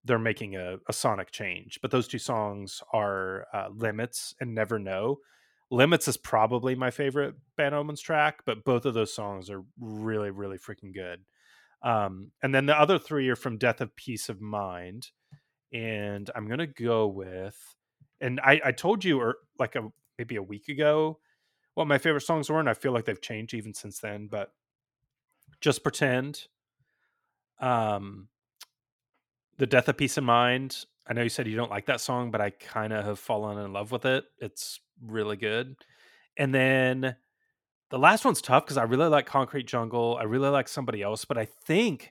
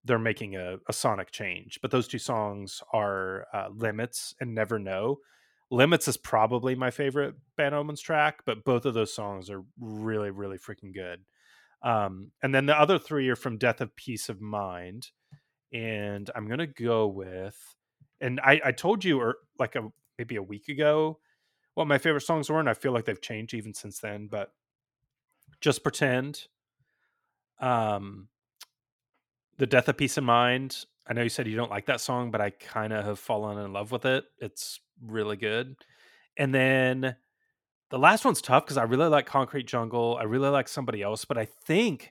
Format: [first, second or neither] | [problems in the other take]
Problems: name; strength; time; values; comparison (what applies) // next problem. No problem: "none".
neither | none